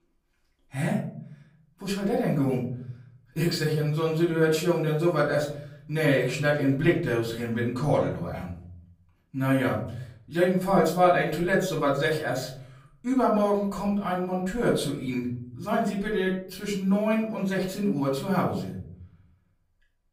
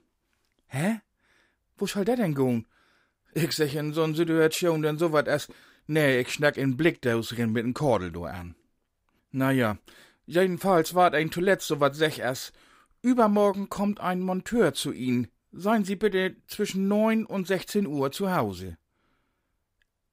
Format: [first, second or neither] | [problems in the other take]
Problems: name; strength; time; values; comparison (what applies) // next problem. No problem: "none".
second | off-mic speech; far // room echo; slight; dies away in 0.7 s